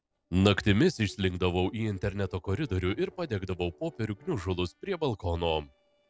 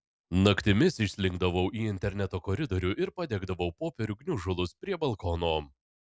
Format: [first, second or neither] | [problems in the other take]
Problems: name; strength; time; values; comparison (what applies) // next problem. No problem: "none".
second | noise reduction (neural separator model SepFormer DNS4)